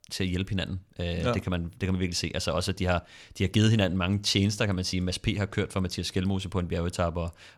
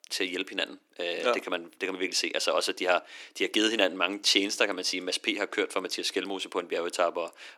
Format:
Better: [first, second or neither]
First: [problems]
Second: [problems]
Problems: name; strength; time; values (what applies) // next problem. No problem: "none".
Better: first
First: none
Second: thin; very; fading below 300 Hz